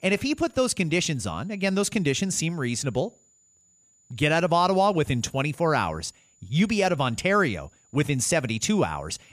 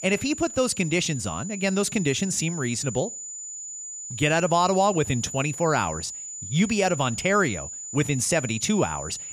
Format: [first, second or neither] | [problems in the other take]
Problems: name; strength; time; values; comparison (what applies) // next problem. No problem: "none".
first | high-pitched whine; loud; throughout; 7 kHz, 9 dB below the speech; faint in the first